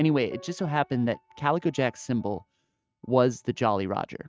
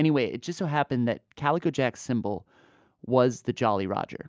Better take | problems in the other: second | noise reduction (neural mask model RNNoise)

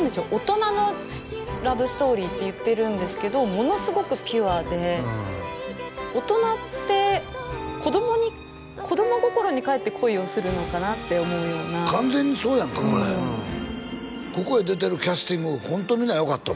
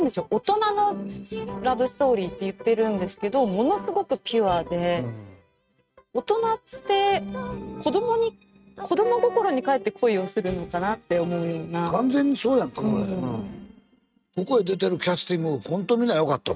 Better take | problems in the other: first | noise reduction (neural mask model RNNoise)

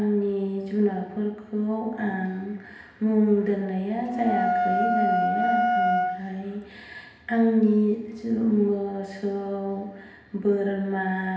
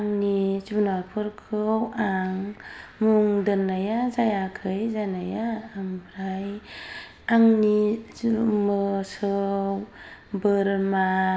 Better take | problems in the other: second | background sound (Wind instrument, woodwind instrument); as loud as the speech // room echo; dies away in 0.8 s

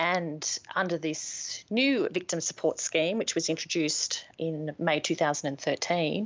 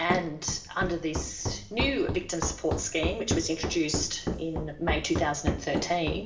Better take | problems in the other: first | background sound (Run); 3 dB below the speech // room echo; dies away in 0.6 s

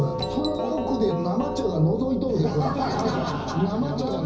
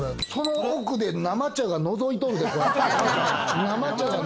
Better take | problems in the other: second | background sound (Doorbell); 7 dB below the speech // room echo; dies away in 0.5 s

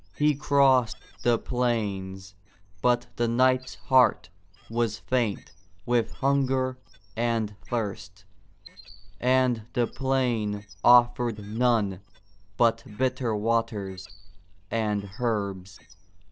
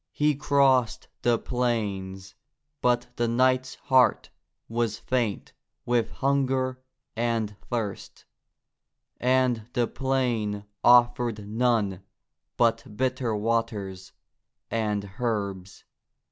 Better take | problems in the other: second | noise reduction (neural separator model SepFormer DNS4)

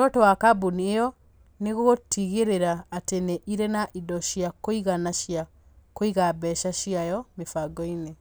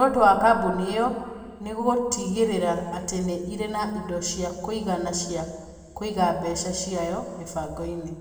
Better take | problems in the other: first | room echo; dies away in 1.7 s

